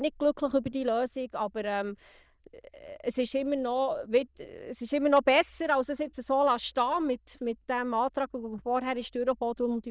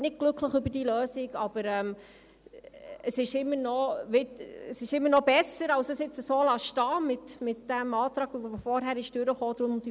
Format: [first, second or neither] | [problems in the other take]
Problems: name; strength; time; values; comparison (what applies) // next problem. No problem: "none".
second | noise reduction (neural diffusion model UNIVERSE++)